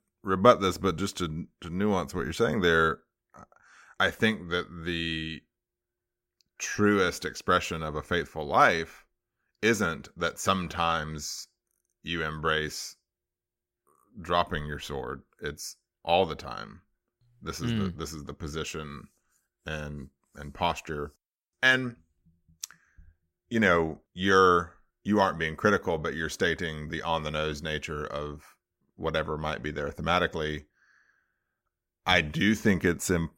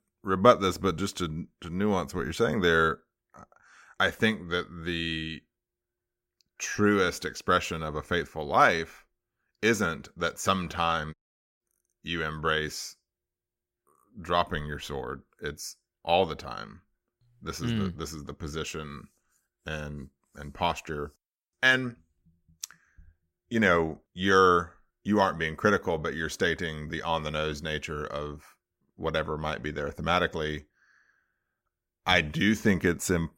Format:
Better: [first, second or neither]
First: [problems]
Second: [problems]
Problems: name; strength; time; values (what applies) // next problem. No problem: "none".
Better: first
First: none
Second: audio cutting out; at 11 s